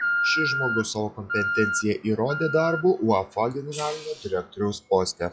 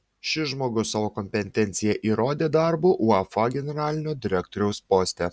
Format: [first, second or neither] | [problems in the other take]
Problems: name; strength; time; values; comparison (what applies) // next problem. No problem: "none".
second | noise reduction (classical method log-MMSE)